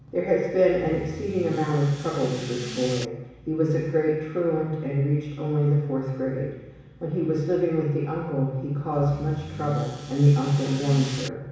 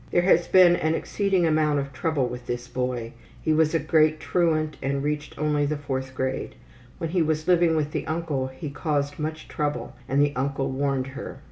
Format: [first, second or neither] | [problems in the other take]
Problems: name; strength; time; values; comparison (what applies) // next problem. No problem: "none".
second | background sound (Accelerating, revving, vroom / Car); 13 dB below the speech // room echo; dies away in 1.1 s